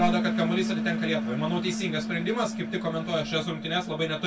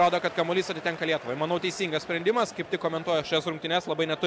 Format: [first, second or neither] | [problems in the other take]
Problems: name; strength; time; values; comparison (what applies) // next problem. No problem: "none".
second | background sound (Piano); 2 dB below the speech // room echo; dies away in 0.1 s